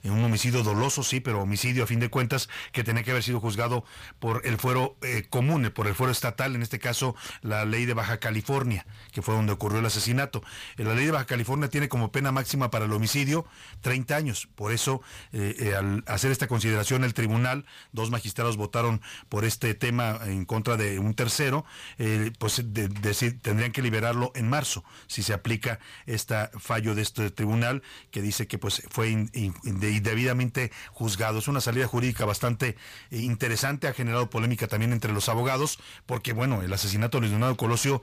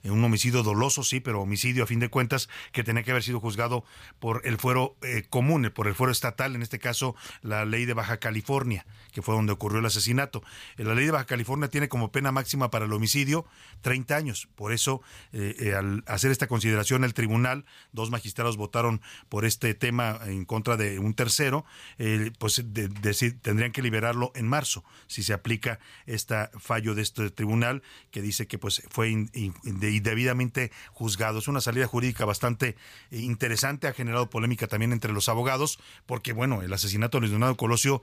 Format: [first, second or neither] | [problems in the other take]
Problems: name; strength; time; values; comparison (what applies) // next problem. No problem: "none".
second | distortion; slight; 10 dB below the speech